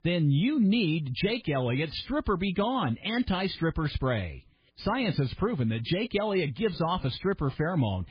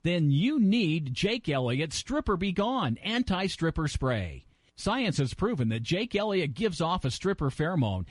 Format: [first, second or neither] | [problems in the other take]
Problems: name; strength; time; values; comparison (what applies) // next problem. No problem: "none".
second | garbled, watery; badly; nothing above 4.5 kHz; slightly in the second